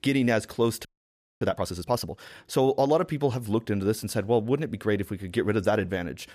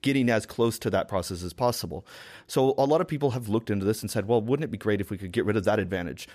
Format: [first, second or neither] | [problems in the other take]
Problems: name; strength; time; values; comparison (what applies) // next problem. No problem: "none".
second | audio freezing; at 1 s for 0.5 s